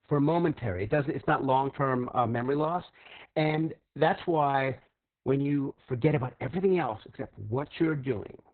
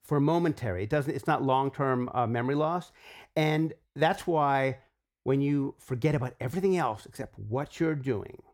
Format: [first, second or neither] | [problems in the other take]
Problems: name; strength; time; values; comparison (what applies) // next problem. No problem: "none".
second | garbled, watery; badly; nothing above 4 kHz